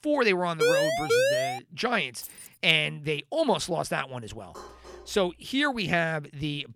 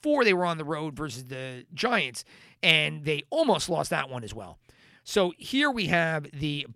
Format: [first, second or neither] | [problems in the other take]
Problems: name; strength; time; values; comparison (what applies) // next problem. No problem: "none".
second | siren; loud; at 0.5 s; peak 4 dB above the speech // jangling keys; faint; at 2 s; peak 15 dB below the speech // clattering dishes; faint; at 4.5 s; peak 20 dB below the speech